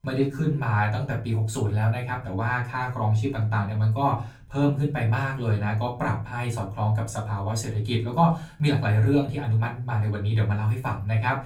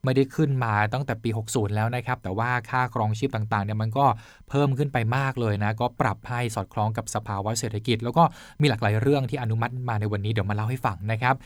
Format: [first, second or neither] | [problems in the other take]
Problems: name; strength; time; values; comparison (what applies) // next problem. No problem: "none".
second | off-mic speech; far // room echo; slight; dies away in 0.3 s